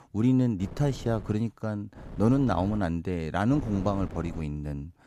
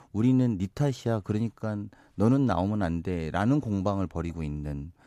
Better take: second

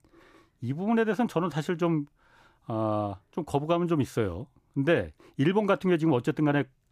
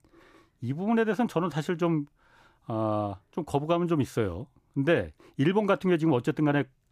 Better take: neither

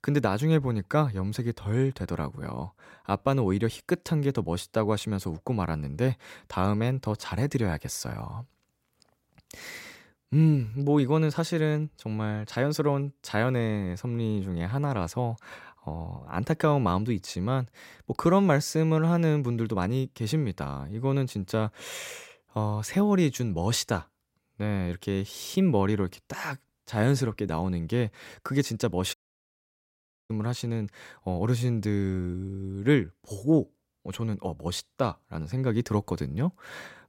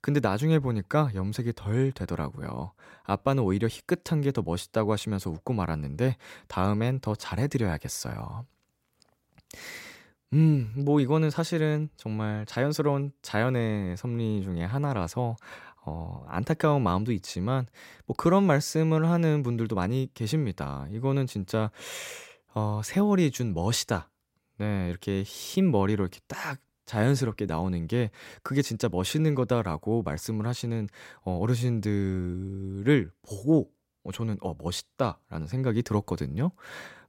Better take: second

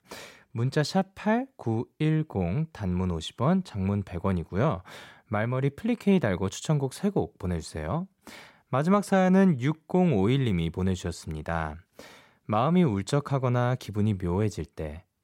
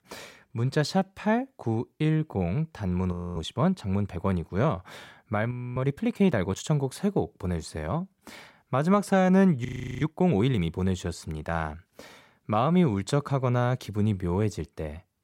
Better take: first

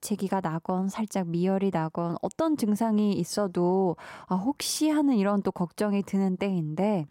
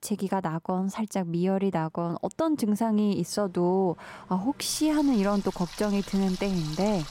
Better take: first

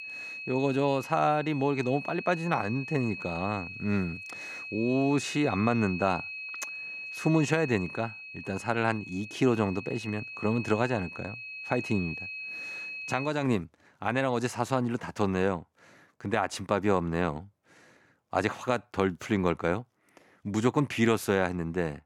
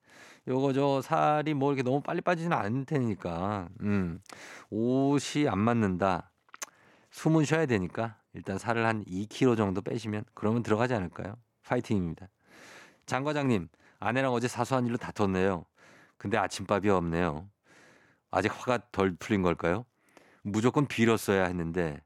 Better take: second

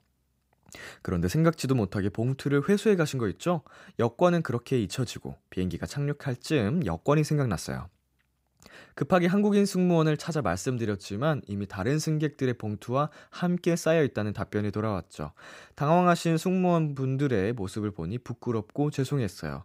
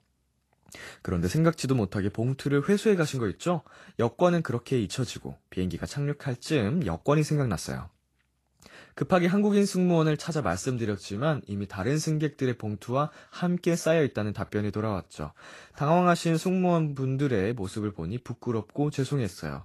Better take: first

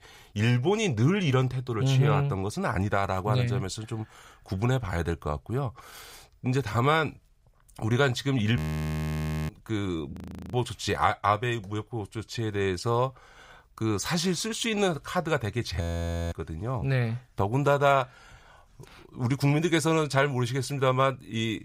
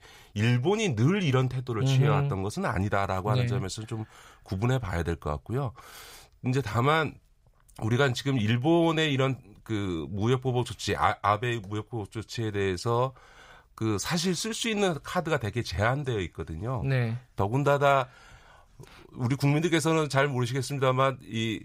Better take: second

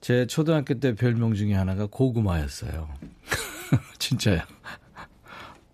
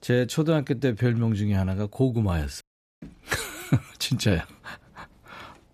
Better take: first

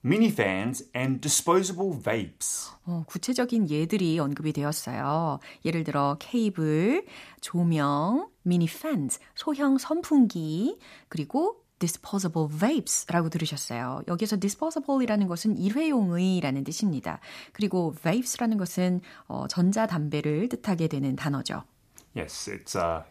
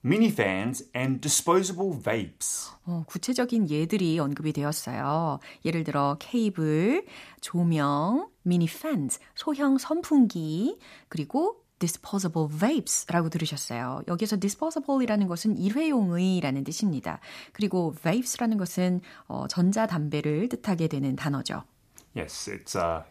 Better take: neither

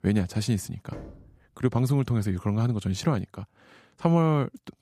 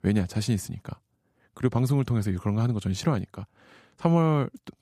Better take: second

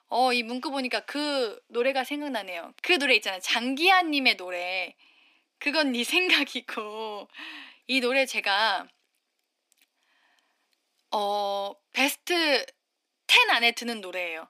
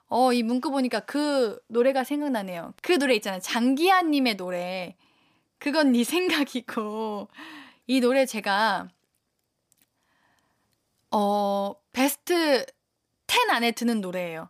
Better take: second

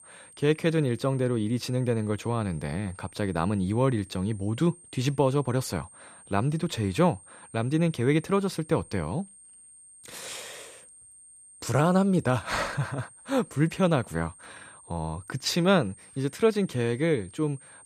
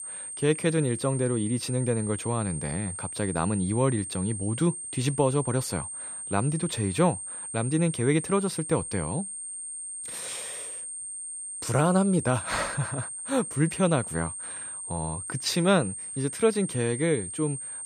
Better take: first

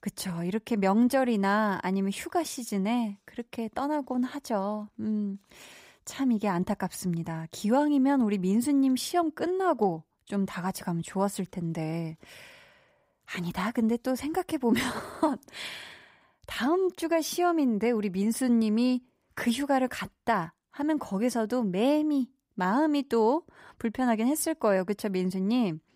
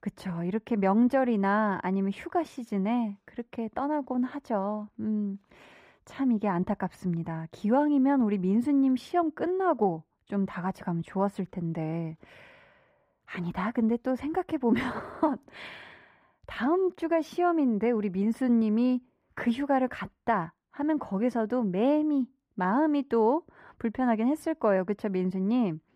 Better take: first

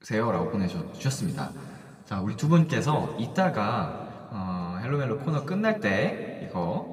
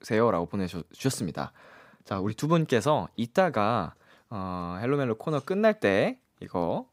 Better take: second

